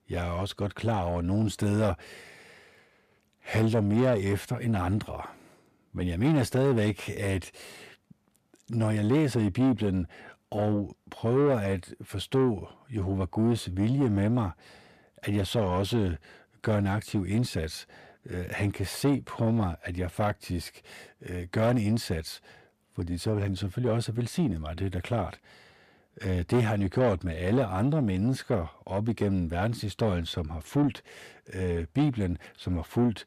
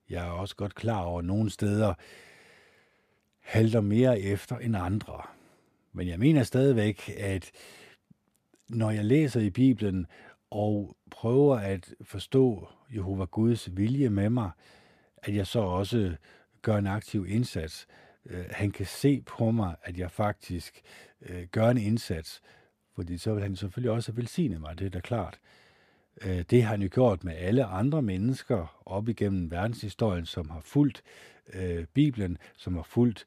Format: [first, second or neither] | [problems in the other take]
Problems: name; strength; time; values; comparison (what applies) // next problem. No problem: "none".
second | distortion; slight; 10 dB below the speech